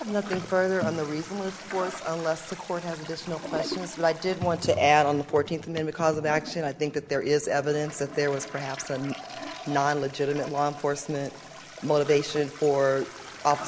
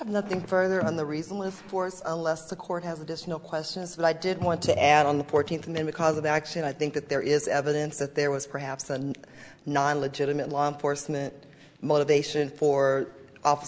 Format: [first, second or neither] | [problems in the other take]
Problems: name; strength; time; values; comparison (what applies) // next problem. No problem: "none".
second | background sound (Toilet flush); 14 dB below the speech